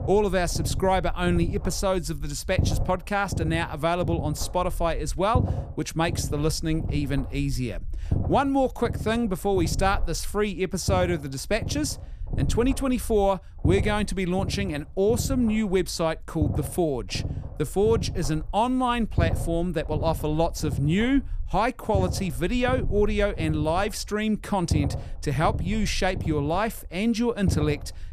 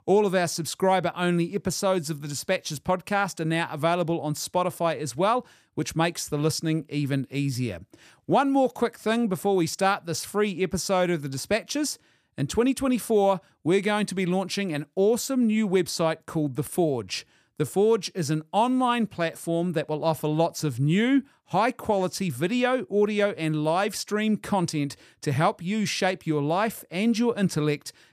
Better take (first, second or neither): second